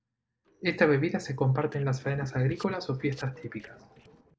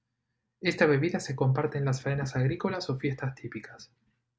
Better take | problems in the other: second | noise reduction (neural separator model SepFormer DNS4)

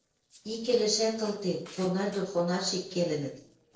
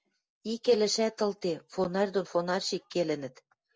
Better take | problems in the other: second | noise reduction (neural separator model SepFormer DNS4)

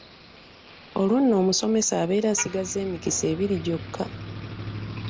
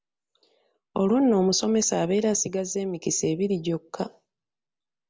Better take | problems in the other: second | background sound (Motor vehicle (road)); 13 dB below the speech

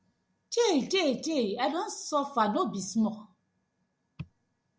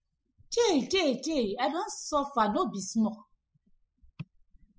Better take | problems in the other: first | noise reduction (classical method spectral subtraction)

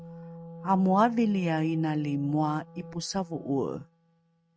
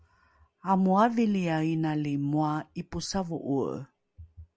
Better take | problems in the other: second | noise reduction (neural mask model RNNoise)

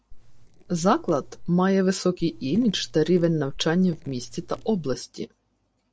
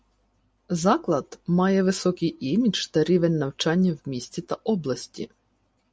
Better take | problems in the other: second | noise reduction (neural separator model SepFormer DNS4)

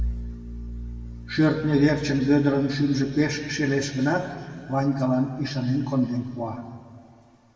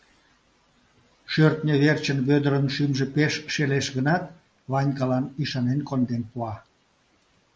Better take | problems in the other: second | background sound (Bowed string instrument); 14 dB below the speech // room echo; dies away in 2 s

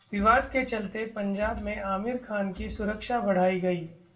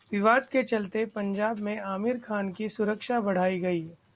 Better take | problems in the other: second | background sound (Thump, thud); 16 dB below the speech // room echo; dies away in 0.3 s

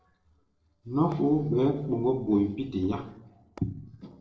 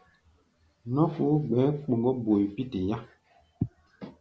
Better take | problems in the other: second | noise reduction (neural separator model SepFormer DNS4)

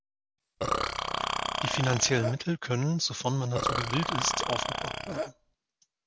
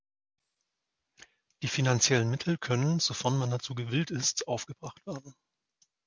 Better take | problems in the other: second | background sound (Burping, eructation); as loud as the speech

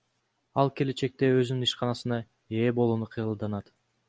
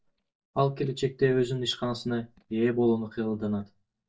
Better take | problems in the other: first | noise reduction (neural mask model DeepFilterNet 3)

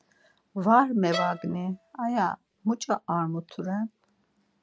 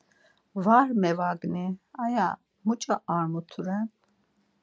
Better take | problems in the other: second | background sound (Bowed string instrument); 10 dB below the speech

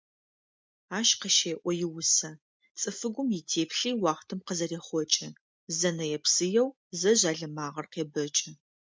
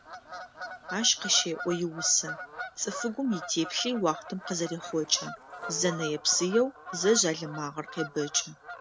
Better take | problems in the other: first | background sound (Bird vocalization, bird call, bird song / Fowl); 11 dB below the speech

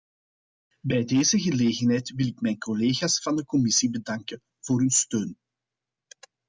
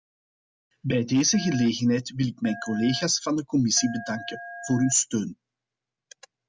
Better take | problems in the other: first | background sound (Telephone); 15 dB below the speech

